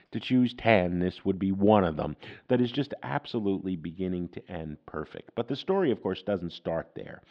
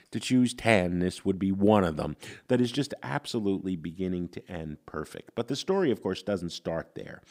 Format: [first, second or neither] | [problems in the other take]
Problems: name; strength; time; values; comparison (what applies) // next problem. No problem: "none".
second | muffled; slightly; fading above 3.5 kHz